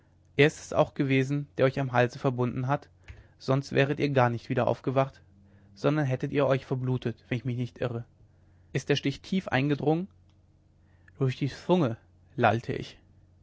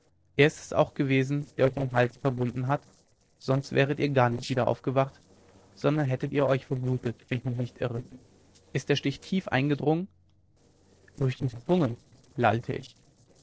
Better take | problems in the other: first | noise reduction (neural separator model SepFormer DNS4)

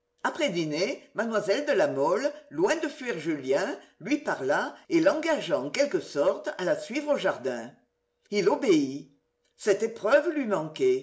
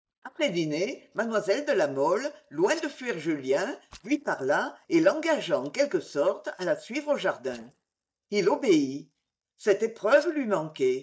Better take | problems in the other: first | noise reduction (neural mask model DeepFilterNet 3)

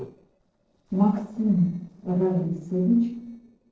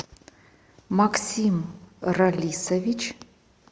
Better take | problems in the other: second | noise reduction (neural separator model SepFormer DNS4)

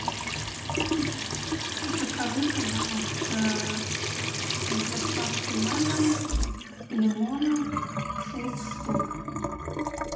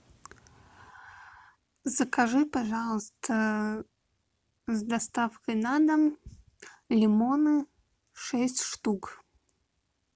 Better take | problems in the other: second | background sound (Trickle, dribble / Sink (filling or washing) / Water tap, faucet); 1 dB above the speech // room echo; dies away in 0.8 s

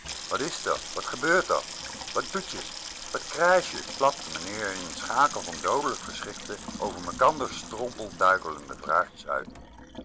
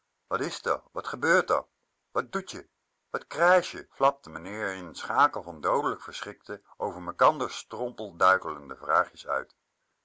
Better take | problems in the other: second | background sound (Sink (filling or washing) / Water tap, faucet); 10 dB below the speech

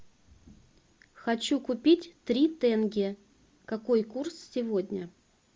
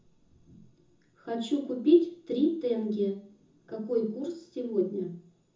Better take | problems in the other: first | room echo; dies away in 0.5 s

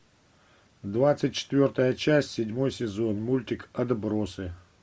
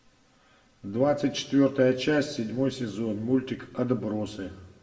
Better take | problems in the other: first | room echo; dies away in 1.2 s

